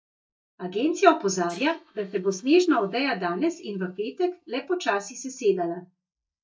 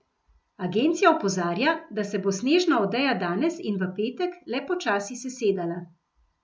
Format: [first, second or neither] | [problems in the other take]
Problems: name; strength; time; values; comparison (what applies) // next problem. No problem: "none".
second | noise reduction (neural mask model DeepFilterNet 3)